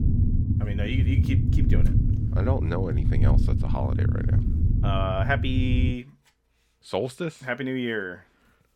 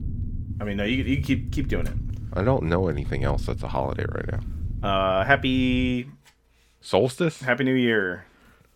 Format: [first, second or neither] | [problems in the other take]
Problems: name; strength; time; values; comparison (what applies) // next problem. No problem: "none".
second | low rumble; loud; until 6 s; 6 dB below the speech; faint in the second